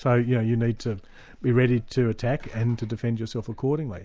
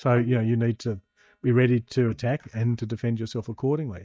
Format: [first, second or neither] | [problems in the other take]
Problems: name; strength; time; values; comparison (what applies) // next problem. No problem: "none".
first | noise reduction (neural mask model DeepFilterNet 3)